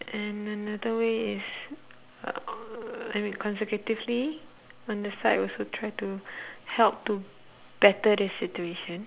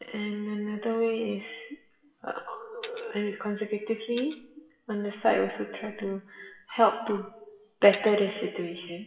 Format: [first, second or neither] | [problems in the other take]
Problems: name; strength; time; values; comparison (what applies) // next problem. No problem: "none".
first | noise reduction (classical method WPE with log-MMSE)